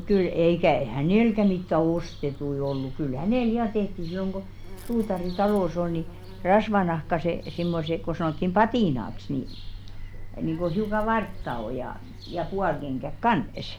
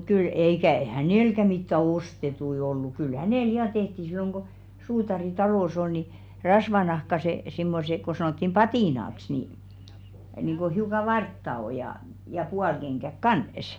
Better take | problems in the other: second | background sound (Bird vocalization, bird call, bird song); 12 dB below the speech

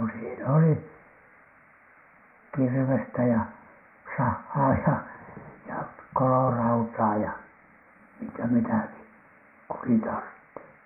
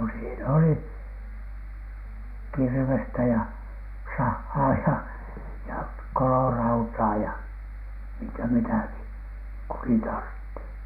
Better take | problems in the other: second | noise reduction (neural mask model Resemble Enhance denoiser)

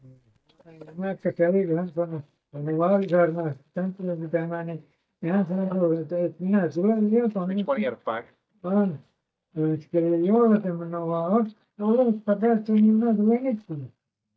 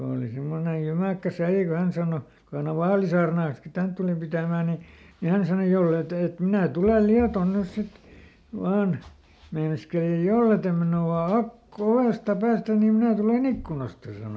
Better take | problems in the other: second | noise reduction (neural mask model DeepFilterNet 3)

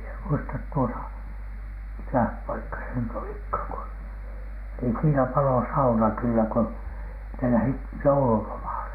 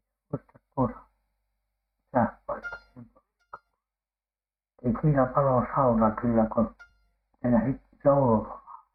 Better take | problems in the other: first | noise reduction (neural mask model RNNoise)

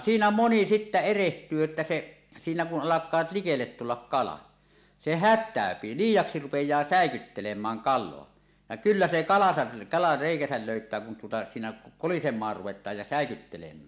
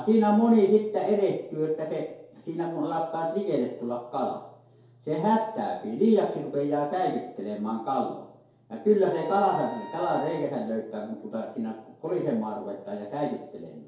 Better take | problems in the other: first | background sound (Wind instrument, woodwind instrument); 15 dB below the speech // room echo; dies away in 2.3 s

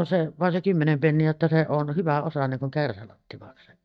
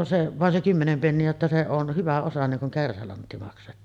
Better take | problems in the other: second | noise reduction (neural mask model DeepFilterNet 3)

